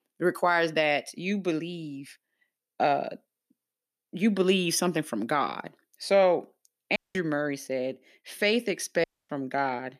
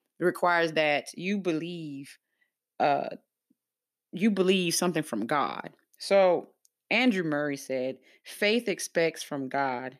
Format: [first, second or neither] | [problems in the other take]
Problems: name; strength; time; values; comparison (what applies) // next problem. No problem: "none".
second | audio cutting out; at 7 s and at 9 s